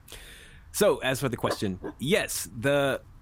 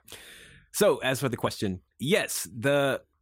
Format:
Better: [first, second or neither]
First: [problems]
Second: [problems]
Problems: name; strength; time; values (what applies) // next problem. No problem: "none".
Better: second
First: dog barking; noticeable; until 2.5 s; peak 9 dB below the speech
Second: none